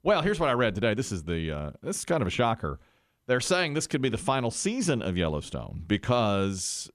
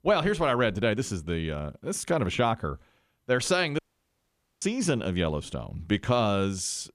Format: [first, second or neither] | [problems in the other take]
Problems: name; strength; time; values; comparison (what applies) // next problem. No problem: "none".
first | audio cutting out; at 4 s for 1 s